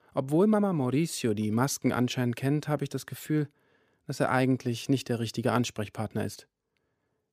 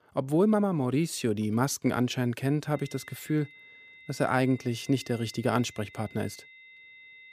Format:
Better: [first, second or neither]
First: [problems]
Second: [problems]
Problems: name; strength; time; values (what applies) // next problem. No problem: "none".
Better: first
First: none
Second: high-pitched whine; faint; from 2.5 s on; 2 kHz, 20 dB below the speech